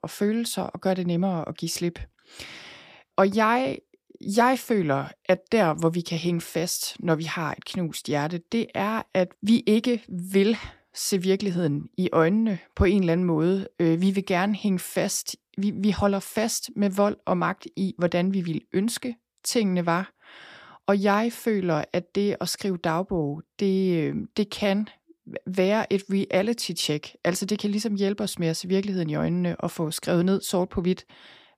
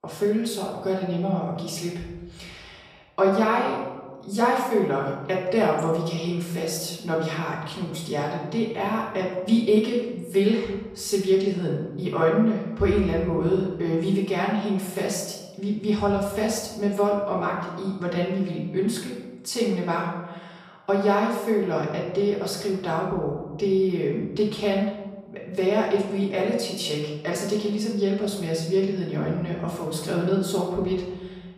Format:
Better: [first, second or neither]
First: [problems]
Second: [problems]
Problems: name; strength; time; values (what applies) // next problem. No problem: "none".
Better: first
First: none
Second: room echo; noticeable; dies away in 1 s // off-mic speech; far